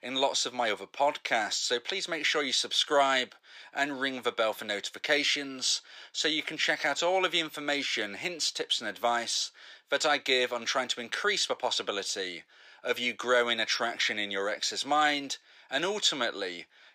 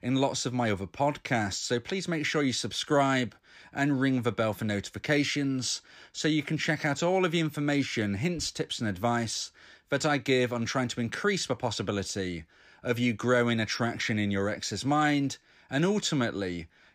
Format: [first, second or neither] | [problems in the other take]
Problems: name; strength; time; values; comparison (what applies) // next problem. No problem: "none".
second | thin; somewhat; fading below 600 Hz